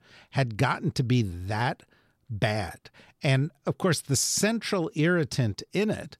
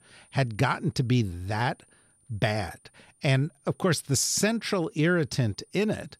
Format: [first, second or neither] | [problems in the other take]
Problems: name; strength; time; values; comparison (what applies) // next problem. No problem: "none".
first | high-pitched whine; faint; throughout; 9.5 kHz, 35 dB below the speech